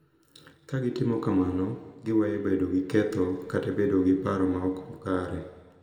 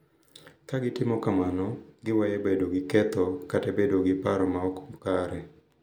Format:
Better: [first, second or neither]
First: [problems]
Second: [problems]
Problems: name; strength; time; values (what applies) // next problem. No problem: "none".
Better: second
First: room echo; dies away in 1.8 s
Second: none